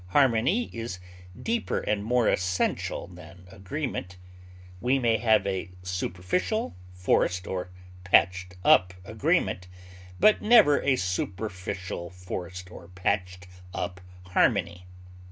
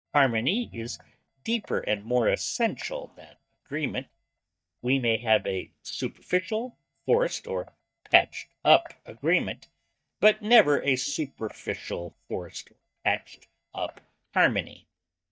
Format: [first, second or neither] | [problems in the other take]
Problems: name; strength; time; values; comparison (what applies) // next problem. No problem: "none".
first | noise reduction (neural mask model DeepFilterNet 3)